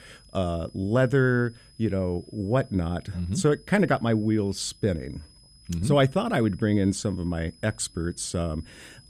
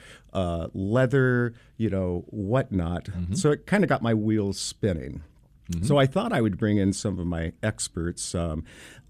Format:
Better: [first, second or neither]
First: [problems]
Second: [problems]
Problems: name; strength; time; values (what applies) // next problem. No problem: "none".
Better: second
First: high-pitched whine; faint; throughout; 5 kHz, 30 dB below the speech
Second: none